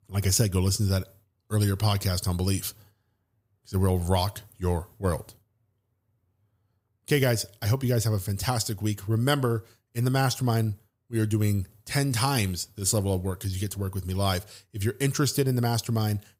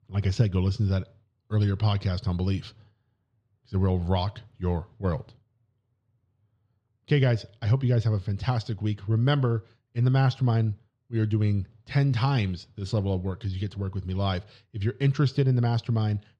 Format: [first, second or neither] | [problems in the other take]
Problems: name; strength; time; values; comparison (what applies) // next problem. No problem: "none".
first | muffled; slightly; fading above 4 kHz